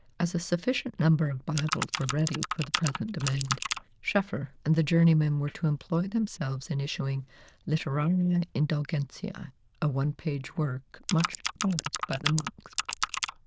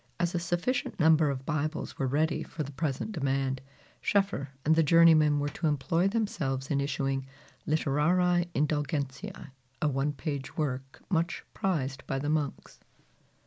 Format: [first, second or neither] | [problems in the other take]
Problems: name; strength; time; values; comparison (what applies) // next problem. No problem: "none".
second | noise reduction (neural diffusion model UNIVERSE++)